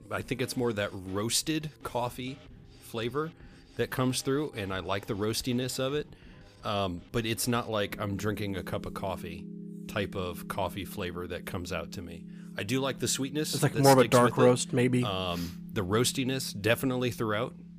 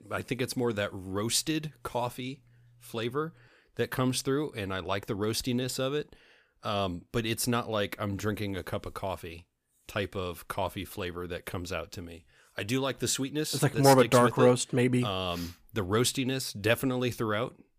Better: second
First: background music; noticeable; throughout; 15 dB below the speech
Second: none

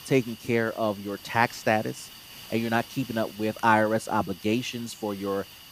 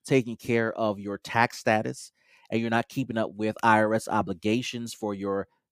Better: second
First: hiss; noticeable; throughout; 15 dB below the speech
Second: none

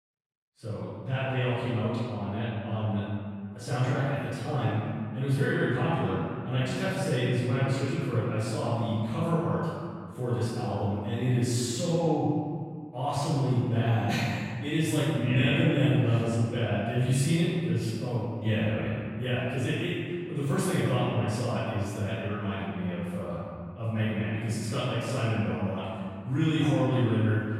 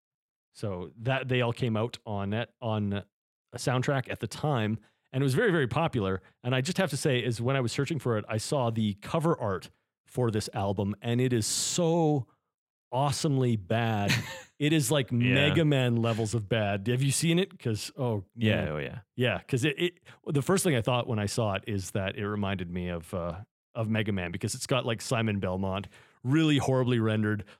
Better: second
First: room echo; strong; dies away in 1.9 s // off-mic speech; far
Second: none

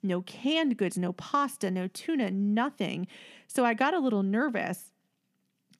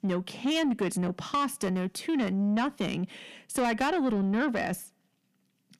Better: first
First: none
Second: distortion; slight; 10 dB below the speech

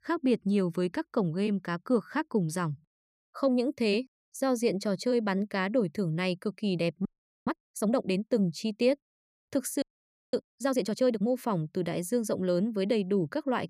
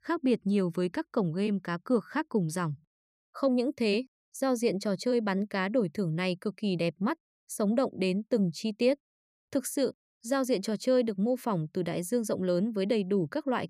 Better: second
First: audio freezing; at 7 s and at 10 s for 0.5 s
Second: none

